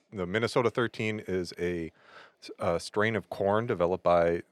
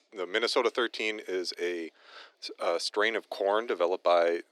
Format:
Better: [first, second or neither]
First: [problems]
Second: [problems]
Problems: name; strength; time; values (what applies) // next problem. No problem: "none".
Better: first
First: none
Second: thin; somewhat; fading below 300 Hz